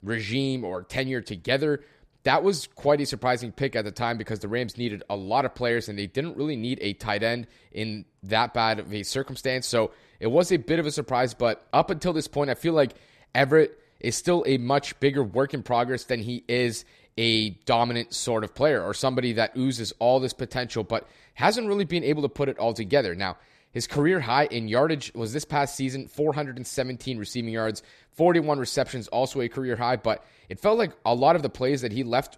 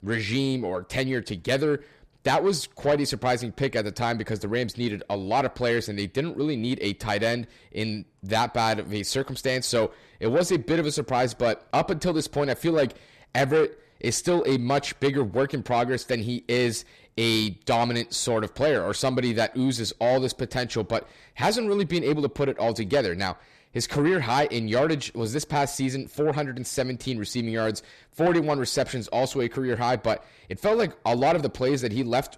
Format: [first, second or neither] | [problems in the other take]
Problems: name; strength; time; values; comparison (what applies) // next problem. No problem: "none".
first | distortion; slight; 10 dB below the speech